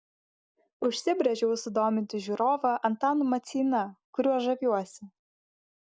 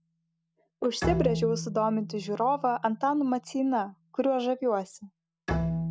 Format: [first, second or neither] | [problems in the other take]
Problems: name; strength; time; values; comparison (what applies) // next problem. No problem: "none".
first | background sound (Bowed string instrument); 7 dB below the speech